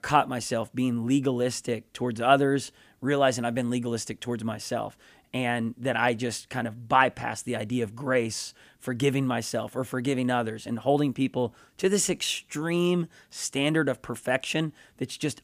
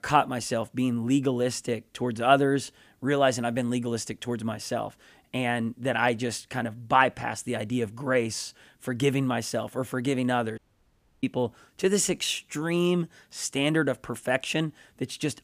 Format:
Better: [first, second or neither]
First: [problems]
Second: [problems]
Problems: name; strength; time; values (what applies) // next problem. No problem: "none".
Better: first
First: none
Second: audio cutting out; at 11 s for 0.5 s